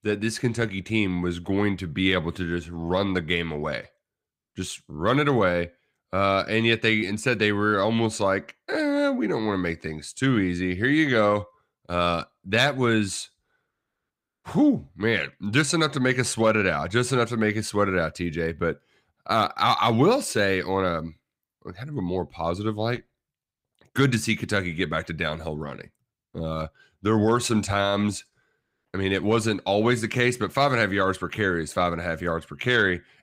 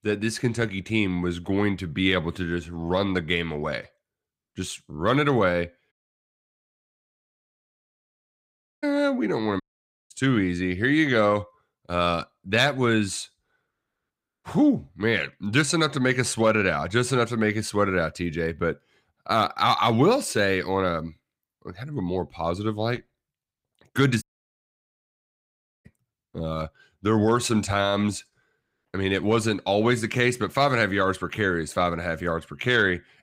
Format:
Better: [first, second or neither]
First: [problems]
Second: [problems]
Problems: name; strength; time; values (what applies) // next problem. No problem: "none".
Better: first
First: none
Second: audio cutting out; at 6 s for 3 s, at 9.5 s for 0.5 s and at 24 s for 1.5 s